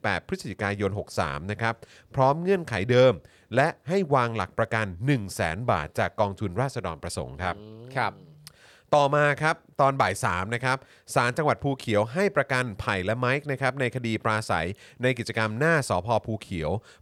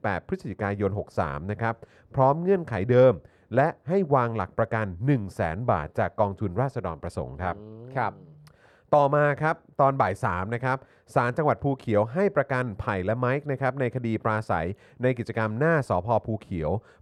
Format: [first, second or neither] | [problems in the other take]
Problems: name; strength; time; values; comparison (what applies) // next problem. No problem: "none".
first | muffled; slightly; fading above 2 kHz